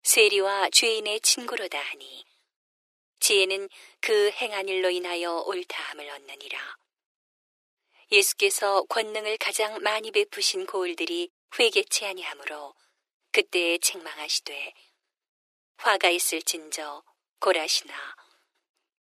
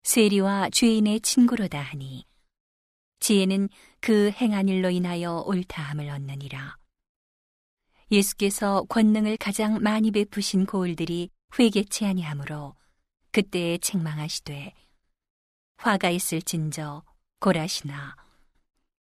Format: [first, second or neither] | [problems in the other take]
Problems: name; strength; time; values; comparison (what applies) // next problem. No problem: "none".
second | thin; very; fading below 350 Hz